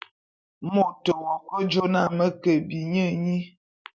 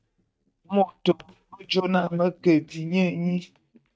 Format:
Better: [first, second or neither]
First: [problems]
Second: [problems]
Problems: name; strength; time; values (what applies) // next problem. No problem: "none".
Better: first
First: none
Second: noise reduction (neural mask model DeepFilterNet 3)